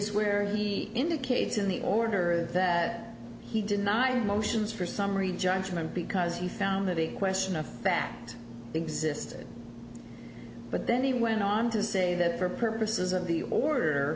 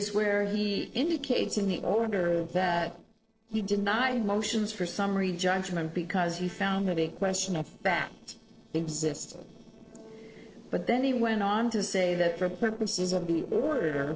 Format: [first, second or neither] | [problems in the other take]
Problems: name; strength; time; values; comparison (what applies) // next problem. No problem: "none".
first | noise reduction (neural separator model SepFormer DNS4)